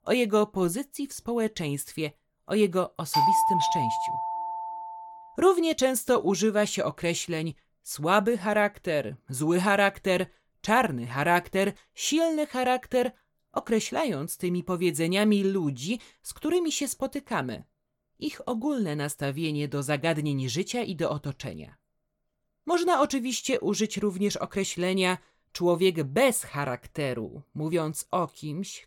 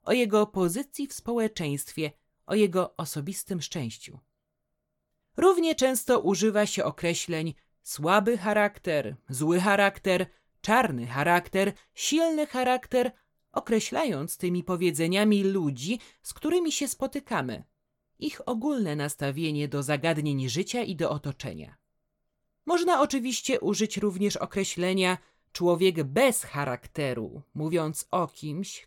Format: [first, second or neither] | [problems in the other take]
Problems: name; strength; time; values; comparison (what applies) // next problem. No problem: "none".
second | doorbell; loud; from 3 to 5 s; peak 6 dB above the speech